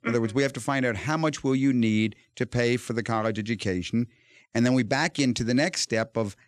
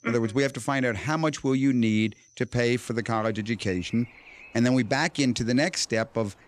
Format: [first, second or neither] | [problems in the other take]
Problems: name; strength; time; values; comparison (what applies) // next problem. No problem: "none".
first | animal sounds; faint; throughout; 25 dB below the speech